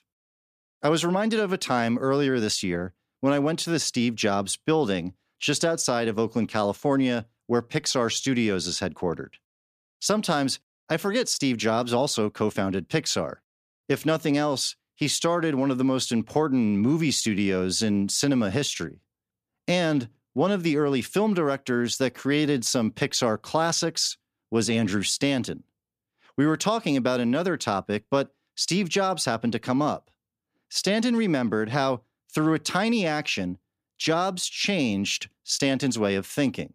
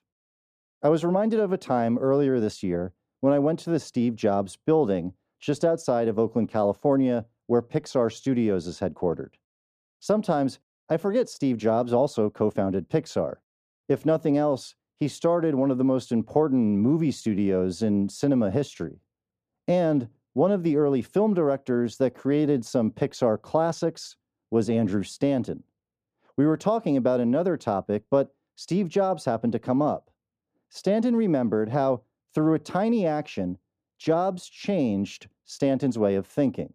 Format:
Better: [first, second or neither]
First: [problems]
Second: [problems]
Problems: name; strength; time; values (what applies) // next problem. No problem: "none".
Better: first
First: none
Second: muffled; very; fading above 1.5 kHz